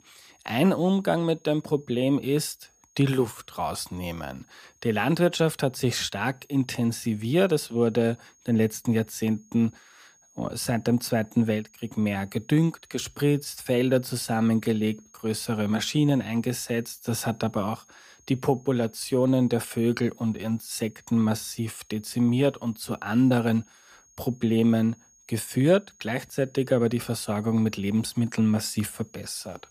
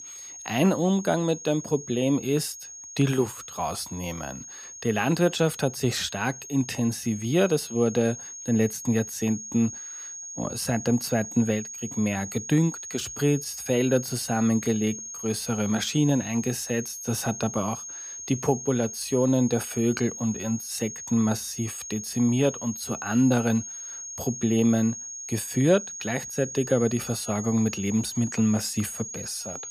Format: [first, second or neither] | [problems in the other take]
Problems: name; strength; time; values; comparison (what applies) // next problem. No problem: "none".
first | high-pitched whine; loud; throughout; 6.5 kHz, 10 dB below the speech; faint in the first